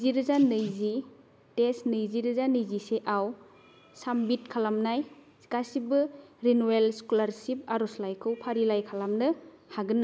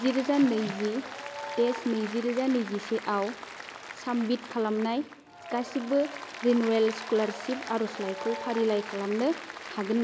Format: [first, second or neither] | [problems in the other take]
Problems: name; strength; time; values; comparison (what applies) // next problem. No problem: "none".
first | background sound (Applause); 11 dB below the speech